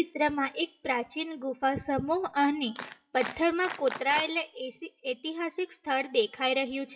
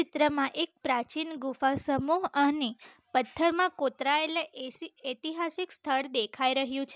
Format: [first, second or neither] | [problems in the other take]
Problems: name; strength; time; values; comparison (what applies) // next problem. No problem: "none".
second | noise reduction (classical method WPE with log-MMSE)